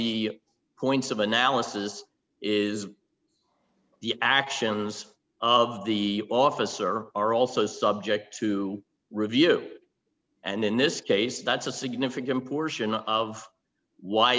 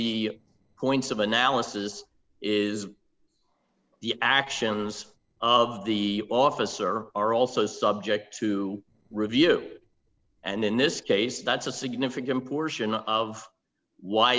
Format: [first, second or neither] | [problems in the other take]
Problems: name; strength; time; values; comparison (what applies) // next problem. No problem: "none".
first | noise reduction (neural separator model SepFormer DNS4)